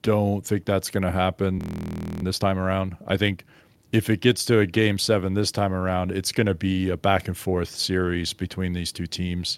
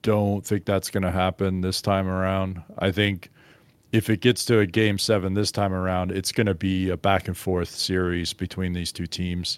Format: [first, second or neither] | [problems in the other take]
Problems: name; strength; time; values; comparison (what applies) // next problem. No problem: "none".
second | audio freezing; at 1.5 s for 0.5 s